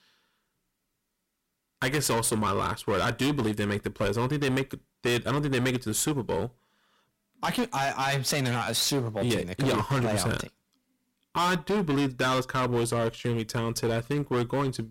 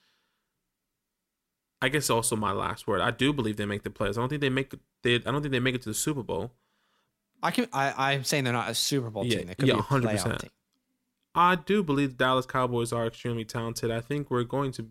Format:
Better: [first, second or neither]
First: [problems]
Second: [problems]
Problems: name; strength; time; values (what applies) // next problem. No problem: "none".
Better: second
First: distortion; heavy; 14% of the sound clipped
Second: none